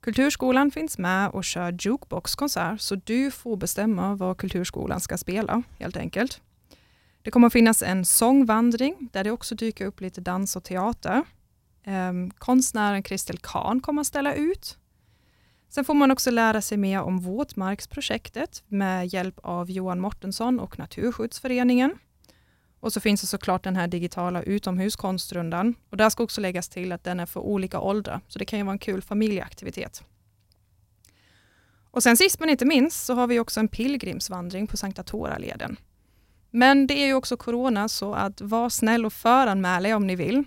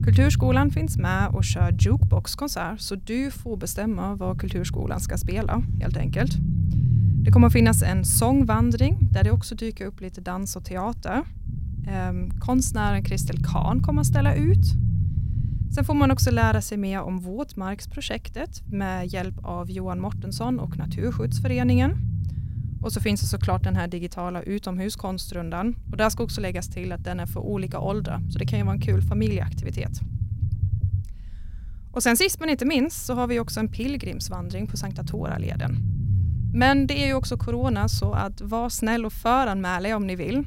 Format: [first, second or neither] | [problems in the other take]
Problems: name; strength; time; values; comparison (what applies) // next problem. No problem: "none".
first | low rumble; noticeable; throughout; 10 dB below the speech